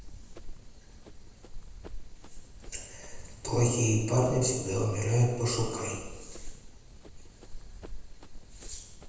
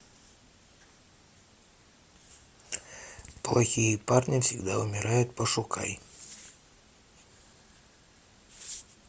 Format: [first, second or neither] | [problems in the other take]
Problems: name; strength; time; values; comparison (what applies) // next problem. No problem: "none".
second | background sound (Run); 9 dB below the speech // room echo; dies away in 1 s